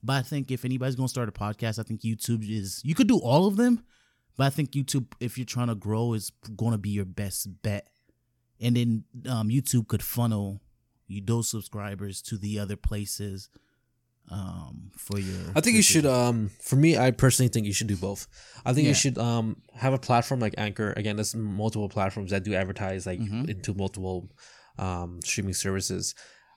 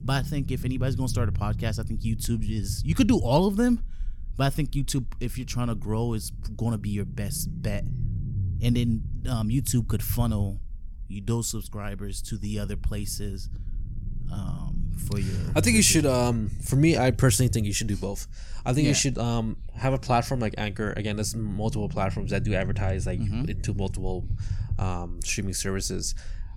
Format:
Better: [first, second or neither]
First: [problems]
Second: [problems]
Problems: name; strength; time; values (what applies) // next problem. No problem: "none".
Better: first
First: none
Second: low rumble; noticeable; throughout; 15 dB below the speech